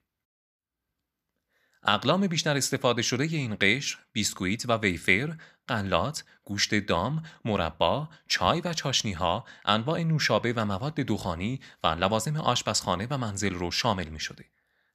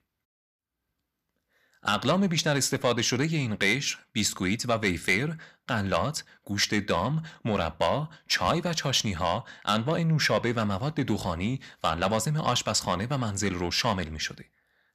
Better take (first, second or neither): first